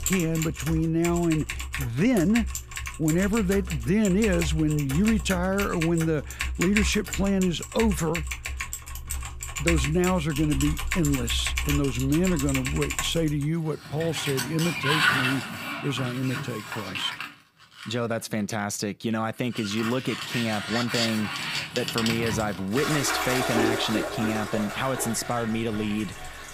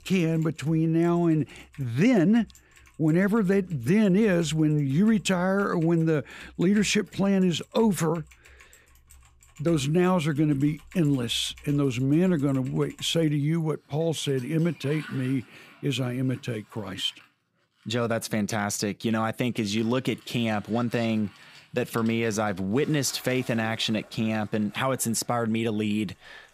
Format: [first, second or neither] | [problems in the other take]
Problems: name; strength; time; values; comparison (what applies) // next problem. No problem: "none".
second | household noises; loud; throughout; 4 dB below the speech; faint in the second